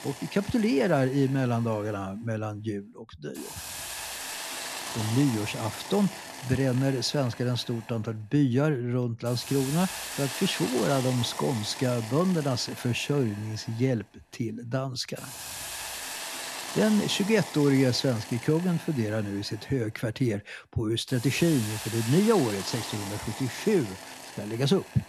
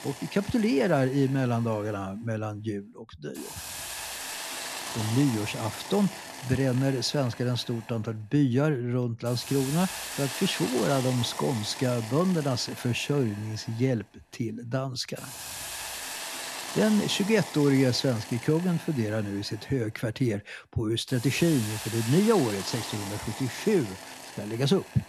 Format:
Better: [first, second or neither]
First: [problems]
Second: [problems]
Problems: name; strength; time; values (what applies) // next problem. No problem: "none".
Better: neither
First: hiss; loud; throughout; 9 dB below the speech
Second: hiss; loud; throughout; 9 dB below the speech